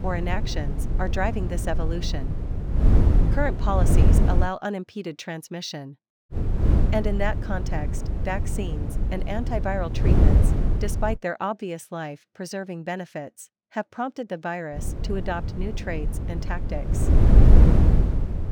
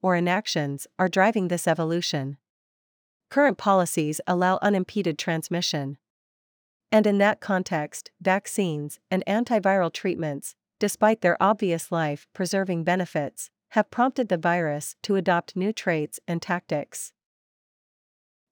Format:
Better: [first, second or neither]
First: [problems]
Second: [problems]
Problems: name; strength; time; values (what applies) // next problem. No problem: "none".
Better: second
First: wind noise on the microphone; heavy; until 4.5 s, from 6.5 to 11 s and from 15 s on; 4 dB below the speech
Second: none